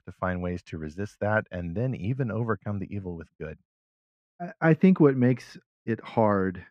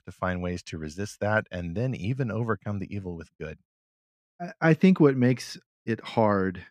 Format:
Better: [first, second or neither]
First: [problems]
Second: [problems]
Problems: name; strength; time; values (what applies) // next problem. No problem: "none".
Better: second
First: muffled; slightly; fading above 3 kHz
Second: none